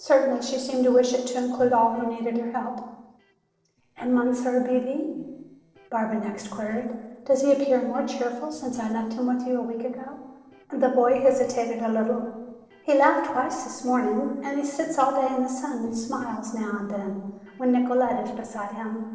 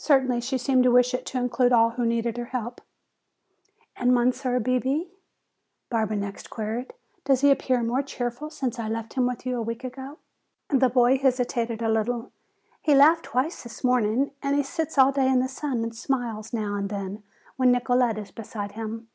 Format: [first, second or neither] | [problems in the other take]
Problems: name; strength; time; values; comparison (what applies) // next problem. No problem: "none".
second | noise reduction (neural separator model SepFormer DNS4)